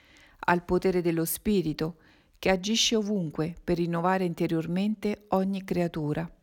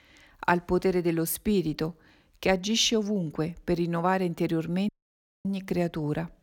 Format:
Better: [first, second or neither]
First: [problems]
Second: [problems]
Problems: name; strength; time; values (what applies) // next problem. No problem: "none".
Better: first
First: none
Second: audio cutting out; at 5 s for 0.5 s